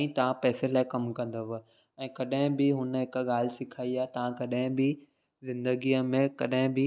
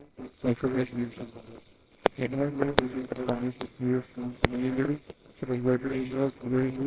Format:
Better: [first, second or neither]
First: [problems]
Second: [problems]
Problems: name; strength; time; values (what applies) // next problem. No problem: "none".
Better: first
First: none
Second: noise reduction (neural separator model SepFormer WHAMR!)